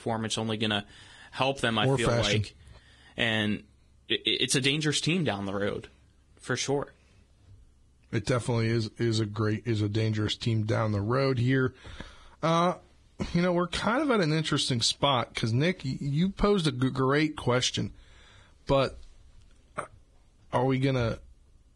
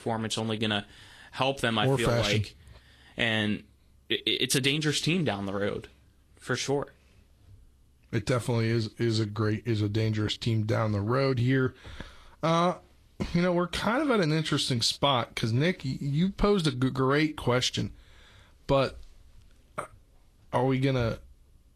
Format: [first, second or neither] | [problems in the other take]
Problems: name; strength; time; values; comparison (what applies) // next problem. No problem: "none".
second | garbled, watery; badly; nothing above 10 kHz; slightly in the second